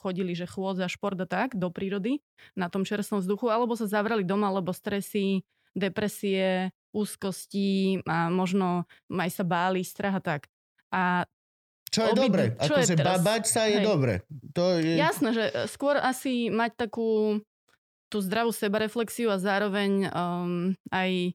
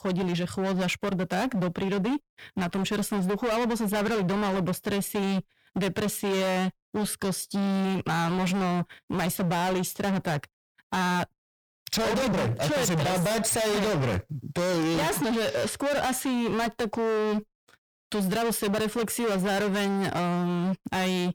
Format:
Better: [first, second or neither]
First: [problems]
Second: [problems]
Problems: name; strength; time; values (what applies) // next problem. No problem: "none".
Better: first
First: none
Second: distortion; heavy; 38% of the sound clipped